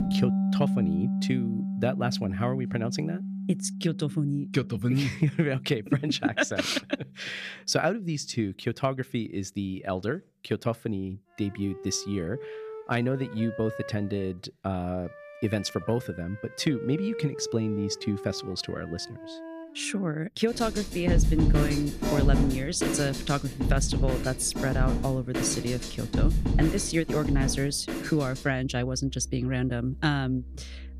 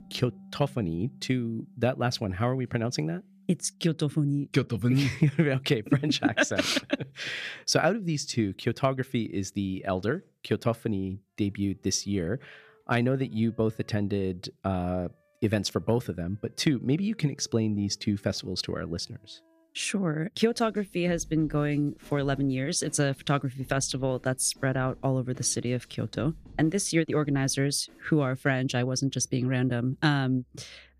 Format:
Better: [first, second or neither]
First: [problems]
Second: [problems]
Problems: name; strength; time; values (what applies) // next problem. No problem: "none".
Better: second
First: background music; loud; throughout; 2 dB below the speech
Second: background music; faint; throughout; 25 dB below the speech